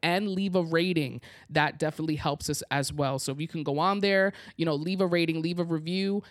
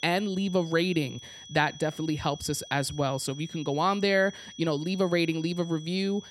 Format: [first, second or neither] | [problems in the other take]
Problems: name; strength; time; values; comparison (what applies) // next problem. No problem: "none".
first | high-pitched whine; noticeable; throughout; 3.5 kHz, 15 dB below the speech